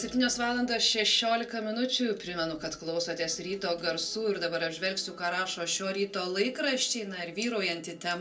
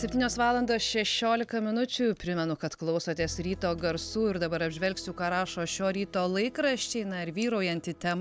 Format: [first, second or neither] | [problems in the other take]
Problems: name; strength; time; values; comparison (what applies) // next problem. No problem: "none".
second | room echo; dies away in 0.2 s